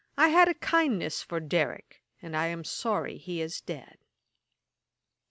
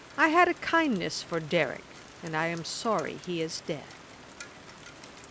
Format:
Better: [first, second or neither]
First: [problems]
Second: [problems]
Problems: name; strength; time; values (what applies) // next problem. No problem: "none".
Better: first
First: none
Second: background sound (Rain); 18 dB below the speech